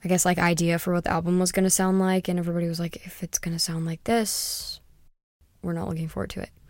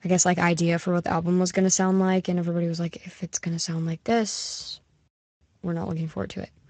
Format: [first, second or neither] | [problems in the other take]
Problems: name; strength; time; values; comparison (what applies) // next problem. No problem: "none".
first | garbled, watery; slightly